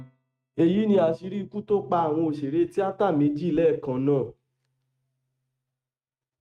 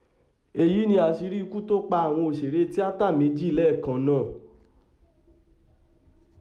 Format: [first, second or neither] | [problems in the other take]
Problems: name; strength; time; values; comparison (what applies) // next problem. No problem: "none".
second | noise reduction (neural mask model RNNoise)